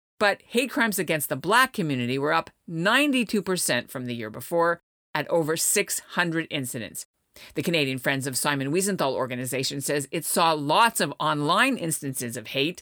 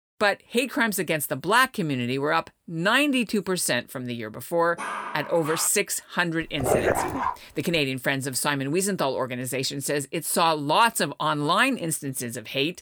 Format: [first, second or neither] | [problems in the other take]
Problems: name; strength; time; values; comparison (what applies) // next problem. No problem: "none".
first | dog barking; noticeable; at 5 s; peak 7 dB below the speech // dog barking; loud; at 6.5 s; peak 2 dB above the speech